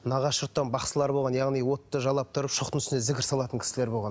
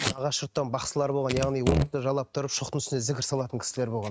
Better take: first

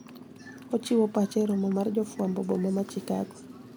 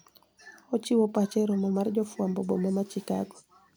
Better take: second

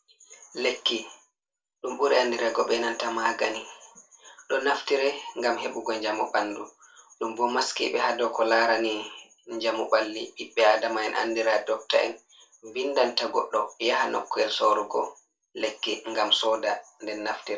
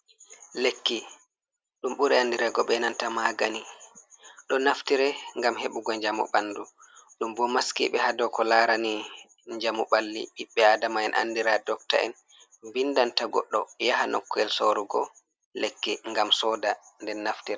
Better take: second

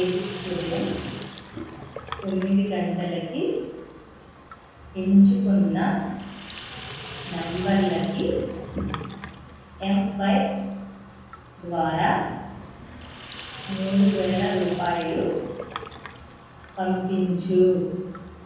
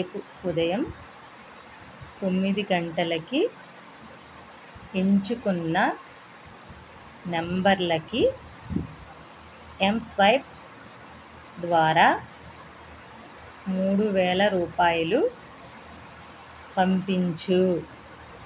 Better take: second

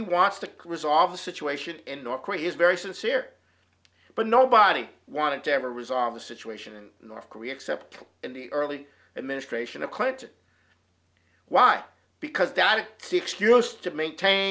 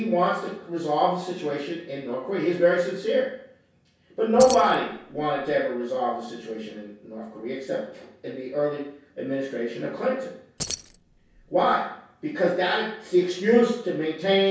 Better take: first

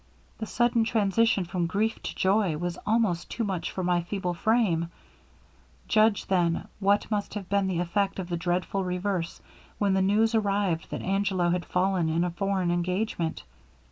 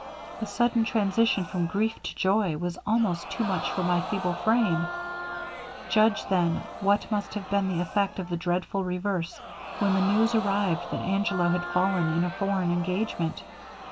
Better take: first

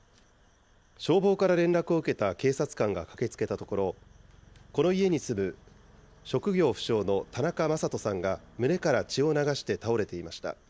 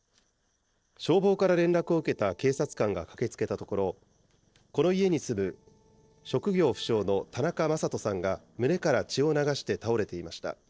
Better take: first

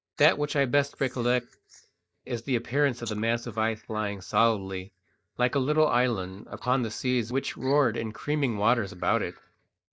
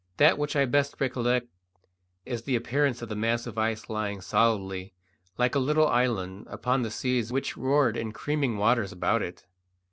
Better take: second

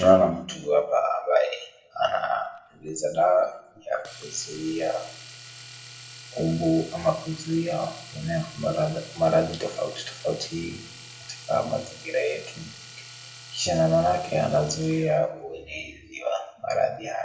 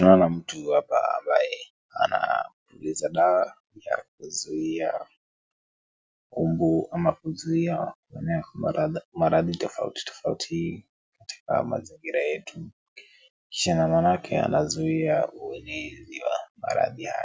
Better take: second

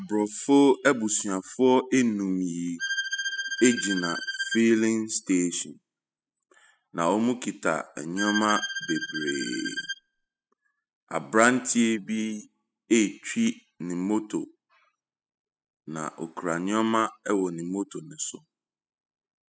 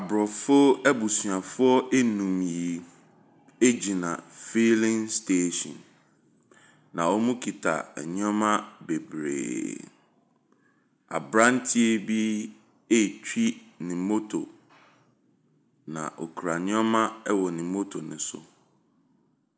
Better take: second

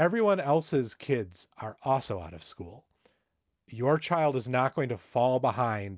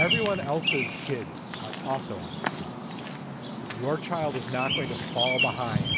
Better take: first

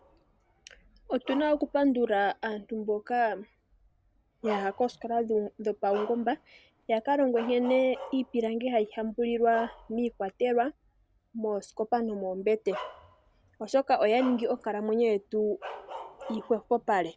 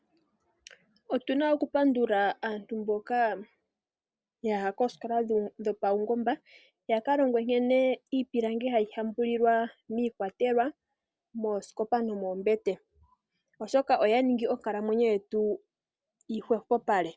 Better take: second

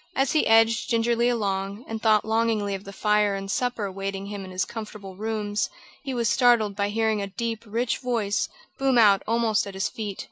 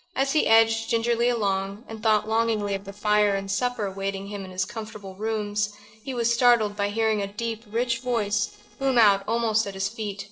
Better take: first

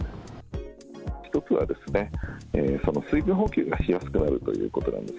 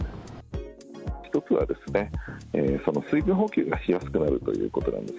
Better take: second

